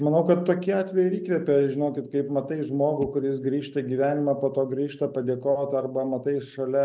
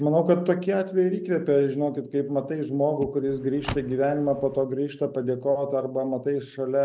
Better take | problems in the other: first | background sound (Car); 14 dB below the speech

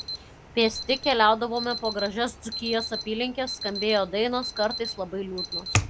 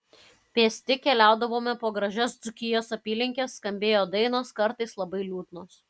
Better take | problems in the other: second | background sound (Alarm); 7 dB below the speech

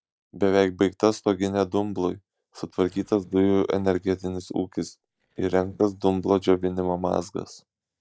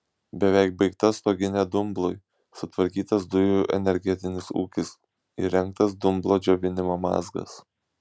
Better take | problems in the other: second | noise reduction (neural mask model DeepFilterNet 3)

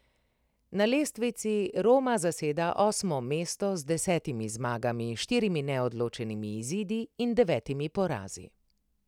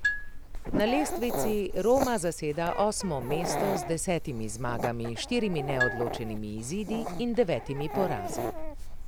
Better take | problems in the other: first | background sound (Dog + Marimba, xylophone); 3 dB below the speech

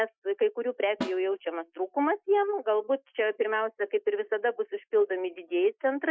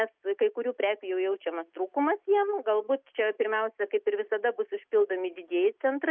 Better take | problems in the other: second | noise reduction (classical method Wiener filter)

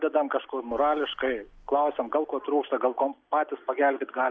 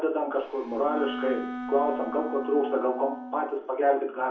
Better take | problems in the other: first | background sound (Wind instrument, woodwind instrument); 9 dB below the speech // room echo; dies away in 0.6 s

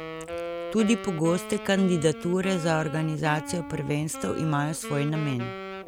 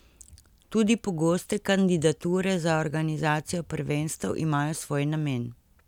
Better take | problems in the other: second | background sound (Wind instrument, woodwind instrument); 10 dB below the speech

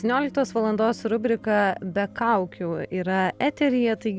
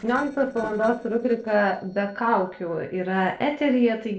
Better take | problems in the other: first | noise reduction (neural separator model SepFormer DNS4)

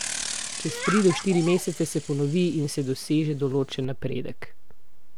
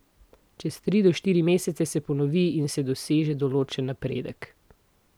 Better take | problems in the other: second | background sound (Bicycle); 7 dB below the speech

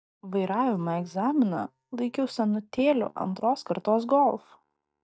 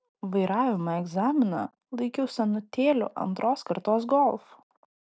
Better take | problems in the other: second | noise reduction (neural mask model DeepFilterNet 3)

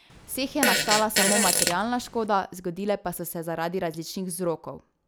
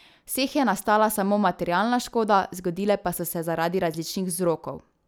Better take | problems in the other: second | background sound (Fart); 2 dB above the speech

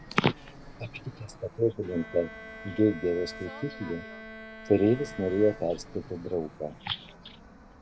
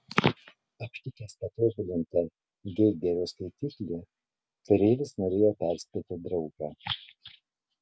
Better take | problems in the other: second | background sound (Bowed string instrument + Fixed-wing aircraft, airplane); 15 dB below the speech

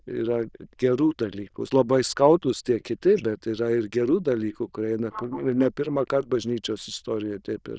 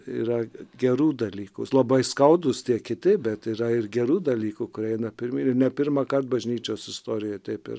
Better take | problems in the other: second | noise reduction (neural diffusion model UNIVERSE++)

